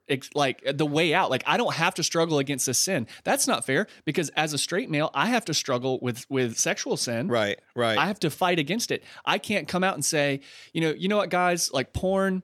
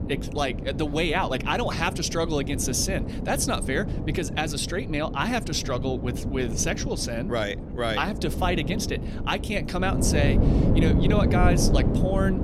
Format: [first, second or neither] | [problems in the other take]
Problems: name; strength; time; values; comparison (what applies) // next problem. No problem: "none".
first | wind noise on the microphone; heavy; 7 dB below the speech